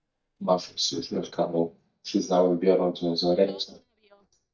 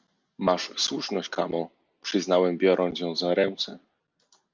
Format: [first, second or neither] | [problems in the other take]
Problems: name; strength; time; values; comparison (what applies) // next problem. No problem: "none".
second | noise reduction (neural mask model DeepFilterNet 3)